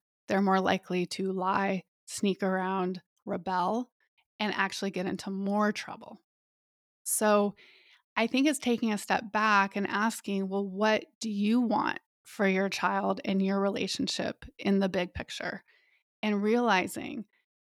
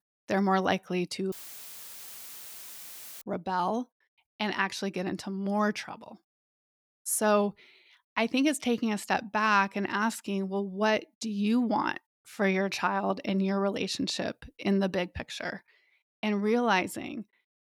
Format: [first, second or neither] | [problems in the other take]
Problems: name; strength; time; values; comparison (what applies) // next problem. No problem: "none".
first | audio cutting out; filled with static; at 1.5 s for 2 s